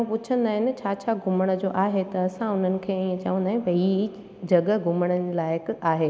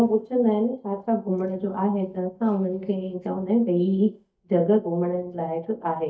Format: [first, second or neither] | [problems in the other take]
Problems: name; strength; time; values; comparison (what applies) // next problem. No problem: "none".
first | noise reduction (neural mask model DeepFilterNet 3)